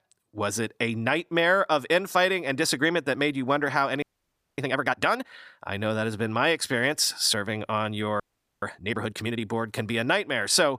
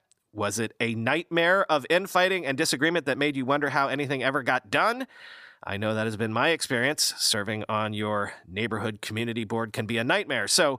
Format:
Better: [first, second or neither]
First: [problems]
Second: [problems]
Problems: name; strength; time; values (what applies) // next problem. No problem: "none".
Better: second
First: audio freezing; at 4 s for 0.5 s and at 8 s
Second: none